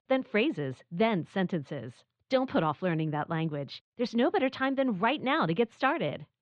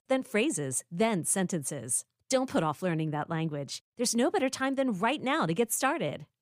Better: second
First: muffled; slightly; fading above 4 kHz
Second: none

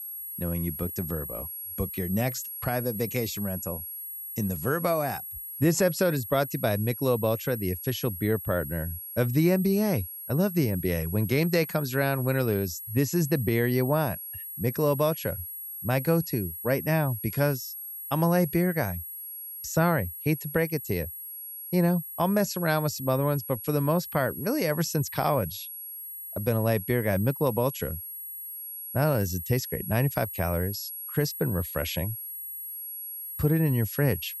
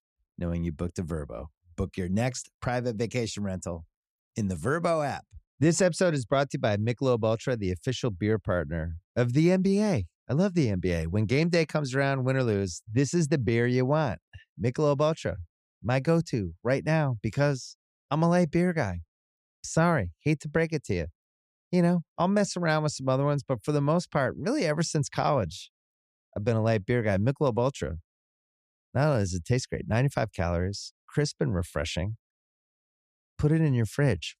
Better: second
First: high-pitched whine; loud; throughout; 11.5 kHz, 8 dB below the speech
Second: none

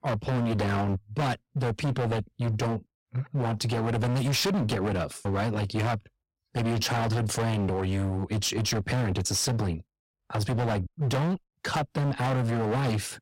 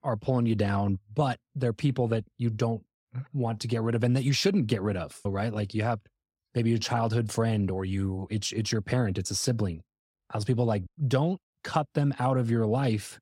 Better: second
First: distortion; heavy; 28% of the sound clipped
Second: none

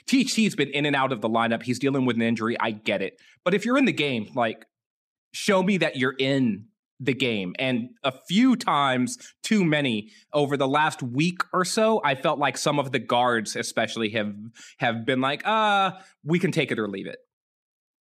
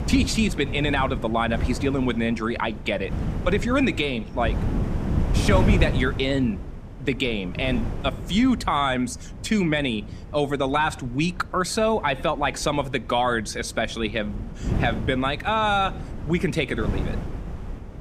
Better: first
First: none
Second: wind noise on the microphone; occasional gusts; 15 dB below the speech

